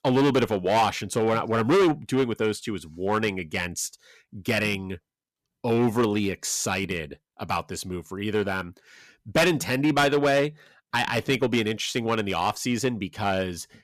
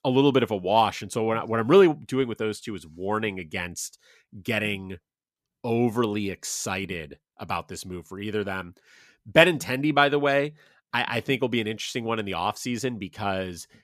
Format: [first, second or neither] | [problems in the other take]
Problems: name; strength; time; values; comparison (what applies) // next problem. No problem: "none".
second | distortion; heavy; 6% of the sound clipped